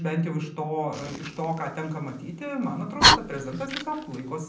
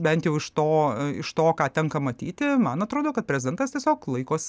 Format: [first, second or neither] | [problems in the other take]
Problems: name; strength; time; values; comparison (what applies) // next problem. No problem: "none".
second | background sound (Fire); 2 dB above the speech // room echo; dies away in 0.6 s